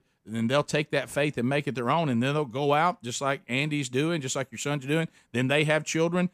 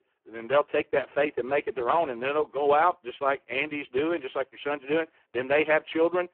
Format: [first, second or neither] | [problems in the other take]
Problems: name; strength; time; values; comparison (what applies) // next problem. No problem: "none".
first | phone-call audio; poor line